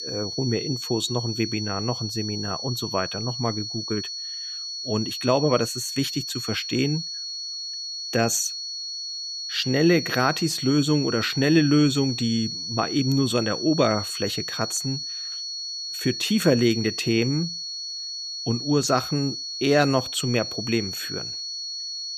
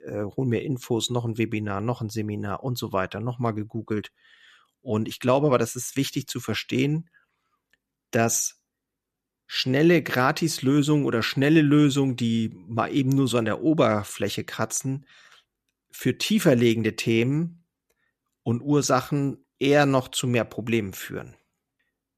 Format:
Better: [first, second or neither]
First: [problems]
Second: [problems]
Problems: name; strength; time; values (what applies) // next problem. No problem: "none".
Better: second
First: high-pitched whine; loud; throughout; 4.5 kHz, 5 dB below the speech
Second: none